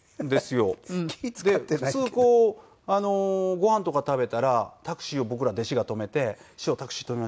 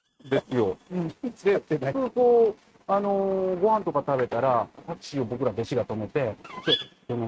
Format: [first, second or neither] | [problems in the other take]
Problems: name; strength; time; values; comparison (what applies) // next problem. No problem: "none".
first | noise reduction (neural mask model RNNoise)